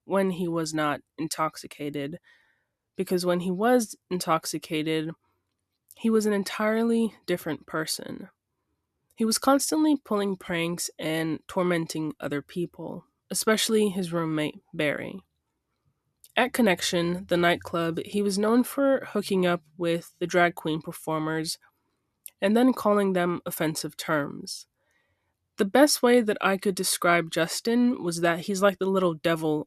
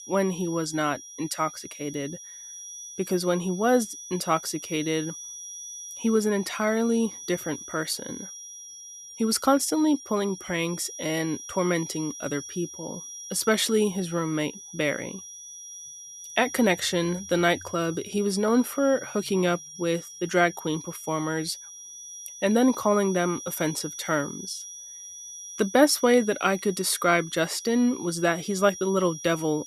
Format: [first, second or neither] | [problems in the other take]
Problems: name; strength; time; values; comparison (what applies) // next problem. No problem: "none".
first | high-pitched whine; noticeable; throughout; 6 kHz, 15 dB below the speech